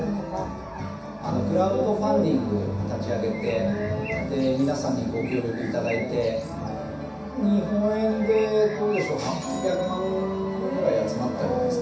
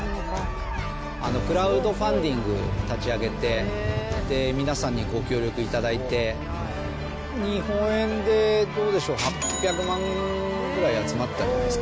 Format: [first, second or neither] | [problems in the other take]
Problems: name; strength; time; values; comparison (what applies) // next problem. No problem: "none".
second | background sound (Bird); 17 dB below the speech // room echo; dies away in 0.7 s